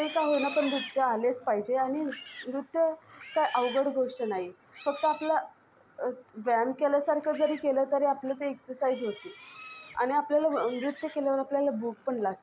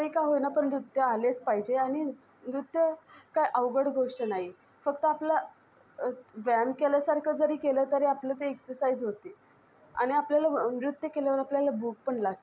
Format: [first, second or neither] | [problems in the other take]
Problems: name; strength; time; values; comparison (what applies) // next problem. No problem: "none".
second | background sound (Livestock, farm animals, working animals); 18 dB below the speech